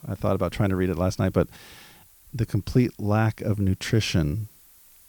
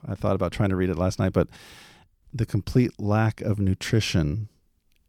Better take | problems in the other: second | hiss; faint; throughout; 25 dB below the speech

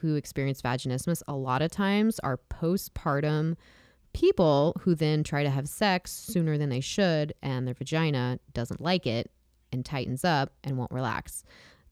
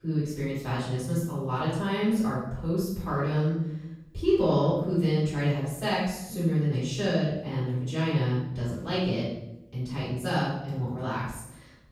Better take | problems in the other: first | room echo; strong; dies away in 0.7 s // off-mic speech; far

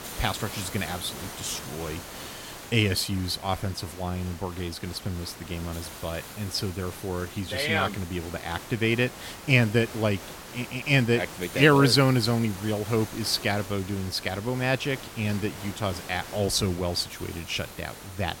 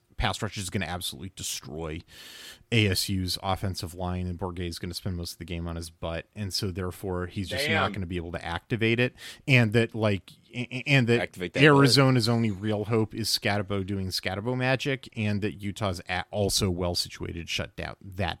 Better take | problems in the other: second | hiss; noticeable; throughout; 15 dB below the speech

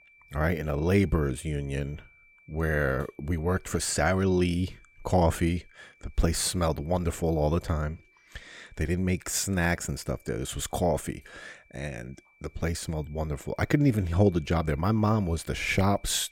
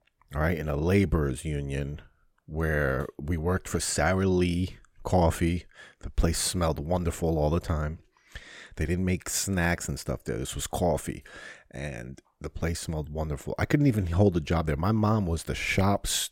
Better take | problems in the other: second | high-pitched whine; faint; throughout; 2.5 kHz, 30 dB below the speech

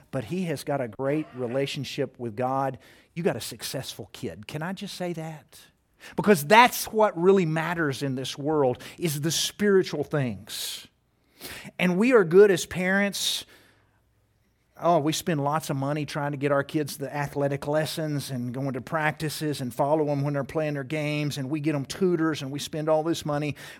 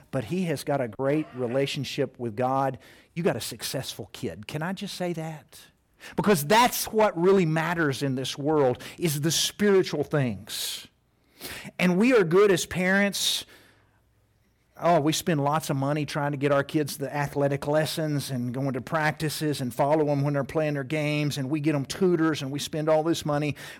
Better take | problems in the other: first | distortion; slight; 2% of the sound clipped

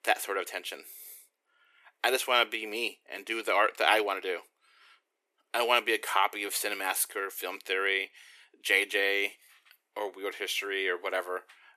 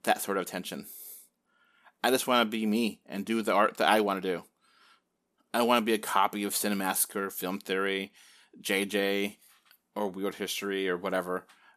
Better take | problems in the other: second | thin; very; fading below 350 Hz

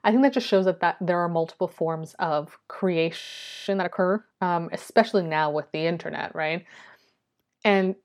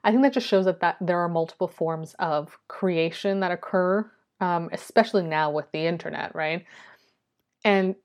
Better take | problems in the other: second | audio freezing; at 3 s

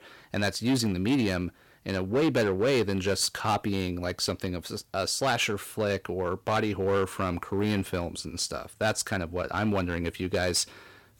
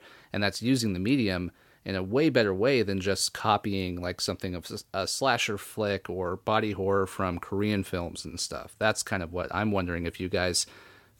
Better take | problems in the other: second | distortion; slight; 6% of the sound clipped

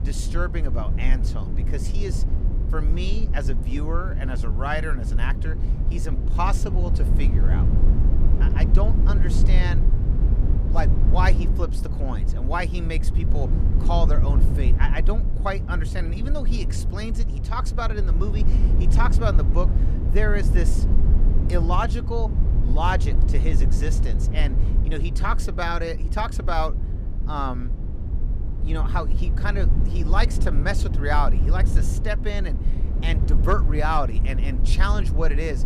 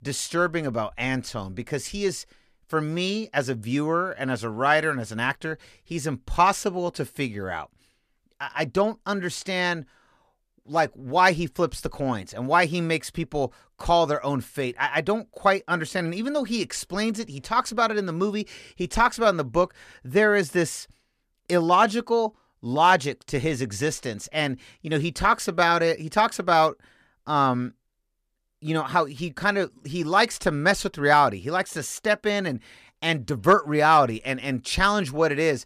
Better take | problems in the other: second | low rumble; loud; throughout; 9 dB below the speech

